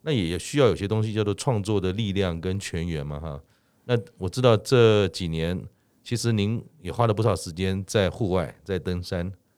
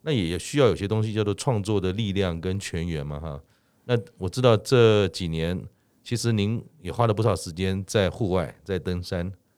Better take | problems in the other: neither | none

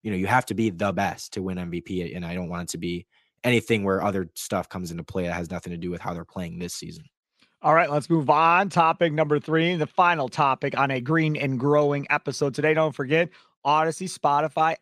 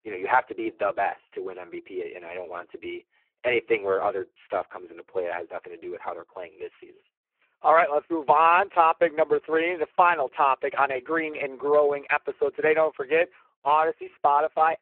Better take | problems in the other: first | phone-call audio; poor line

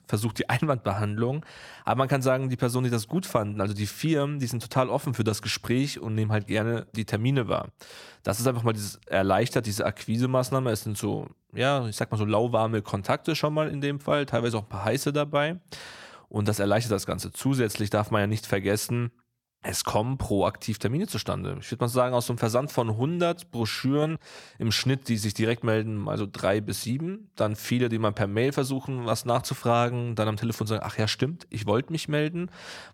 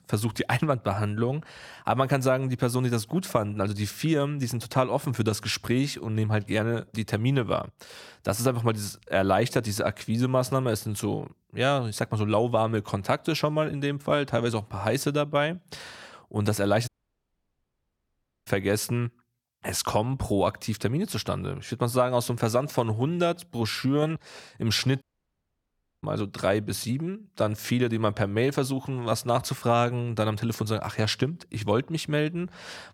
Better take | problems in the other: first | audio cutting out; at 17 s for 1.5 s and at 25 s for 1 s

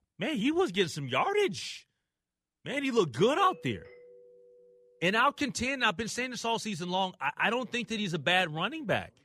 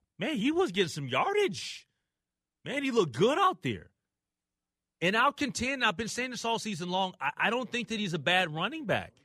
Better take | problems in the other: second | doorbell; faint; from 3.5 to 4.5 s; peak 15 dB below the speech

